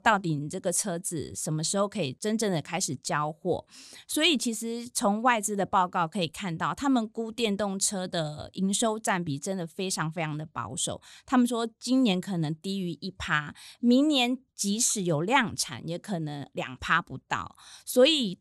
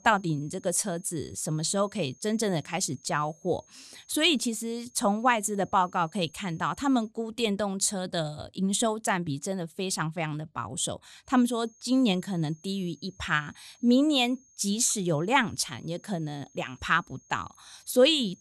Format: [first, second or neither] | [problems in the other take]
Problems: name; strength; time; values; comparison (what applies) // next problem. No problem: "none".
first | high-pitched whine; faint; until 7 s and from 11 s on; 6.5 kHz, 30 dB below the speech